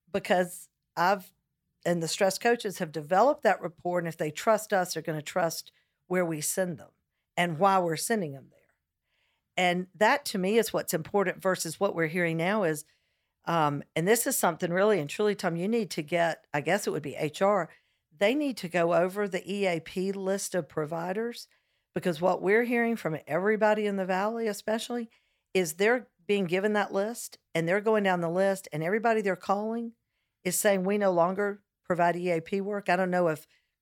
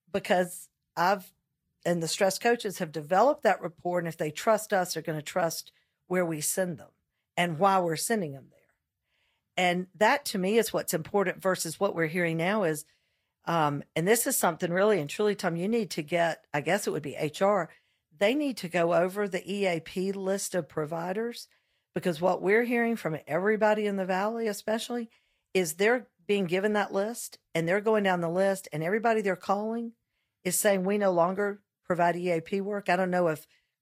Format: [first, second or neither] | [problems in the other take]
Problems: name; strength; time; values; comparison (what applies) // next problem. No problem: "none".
first | garbled, watery; slightly; nothing above 15 kHz